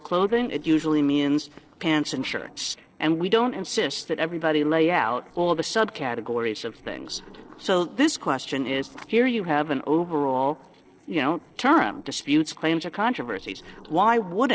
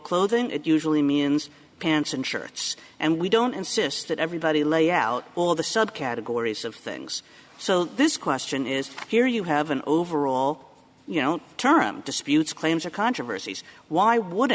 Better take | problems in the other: second | noise reduction (neural separator model SepFormer DNS4)

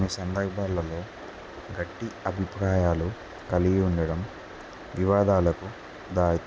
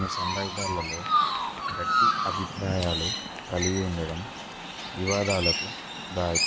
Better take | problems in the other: first | background sound (Chirp, tweet); 2 dB above the speech

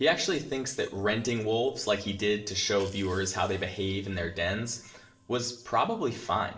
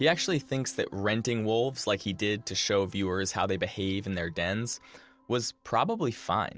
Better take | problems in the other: second | noise reduction (neural separator model SepFormer DNS4)

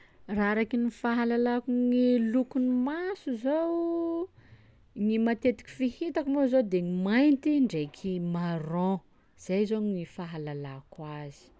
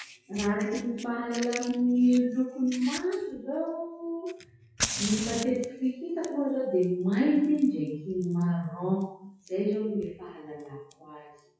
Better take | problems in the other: first | noise reduction (classical method WPE with log-MMSE)

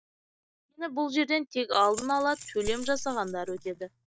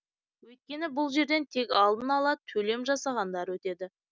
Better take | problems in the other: second | noise reduction (neural mask model DeepFilterNet 3)

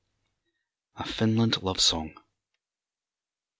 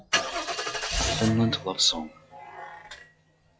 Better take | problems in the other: first | noise reduction (classical method log-MMSE)

